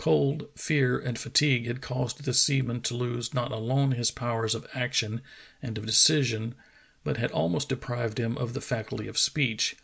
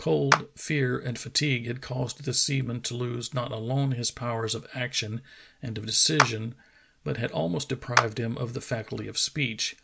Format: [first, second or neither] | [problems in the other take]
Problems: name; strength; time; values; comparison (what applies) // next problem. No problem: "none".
first | background sound (Clapping); 2 dB below the speech